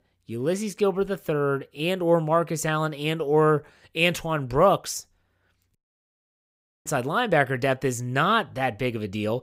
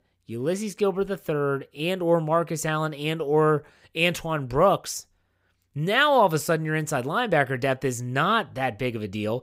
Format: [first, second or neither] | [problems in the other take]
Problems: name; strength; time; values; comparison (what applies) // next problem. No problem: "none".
second | audio cutting out; at 6 s for 1 s